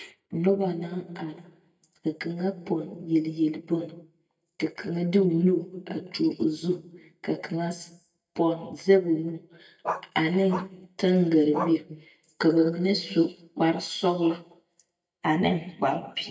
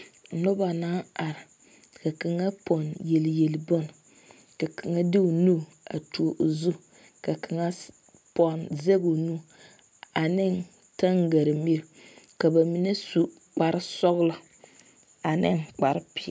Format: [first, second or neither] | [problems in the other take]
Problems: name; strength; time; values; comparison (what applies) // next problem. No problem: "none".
second | noise reduction (neural mask model DeepFilterNet 3)